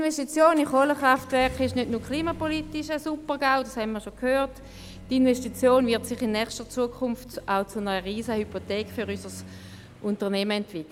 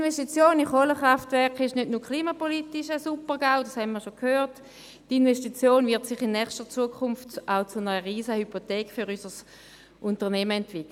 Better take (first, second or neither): second